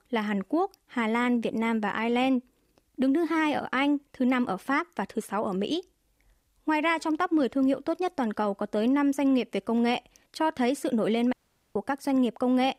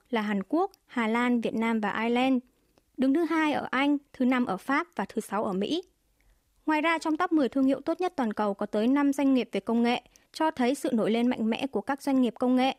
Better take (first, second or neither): second